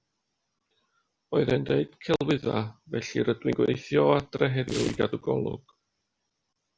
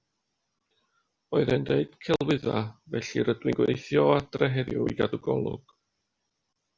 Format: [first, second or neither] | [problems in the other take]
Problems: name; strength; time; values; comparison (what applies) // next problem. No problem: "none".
second | background sound (Tearing); 19 dB below the speech